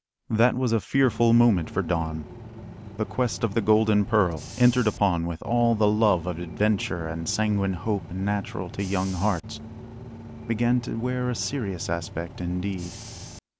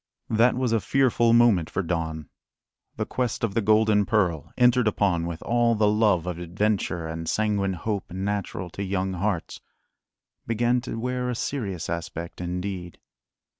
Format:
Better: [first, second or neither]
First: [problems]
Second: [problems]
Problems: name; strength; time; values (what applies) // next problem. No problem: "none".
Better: second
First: background sound (Bus / Engine); 14 dB below the speech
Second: none